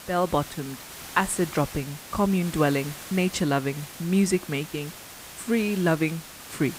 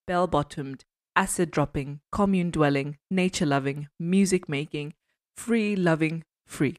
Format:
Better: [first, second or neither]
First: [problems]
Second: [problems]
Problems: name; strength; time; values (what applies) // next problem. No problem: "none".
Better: second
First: hiss; noticeable; throughout; 15 dB below the speech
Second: none